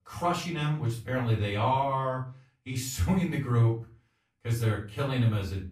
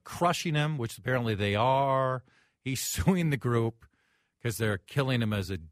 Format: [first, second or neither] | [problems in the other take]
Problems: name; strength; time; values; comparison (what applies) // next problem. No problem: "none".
second | off-mic speech; far // room echo; slight; dies away in 0.3 s